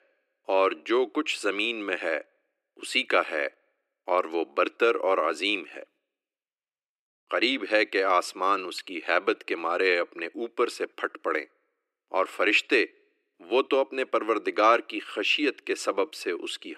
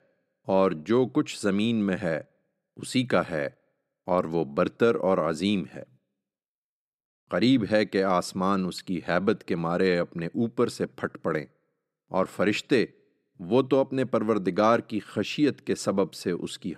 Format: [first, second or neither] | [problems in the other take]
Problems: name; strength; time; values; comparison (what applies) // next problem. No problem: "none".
second | thin; somewhat; fading below 350 Hz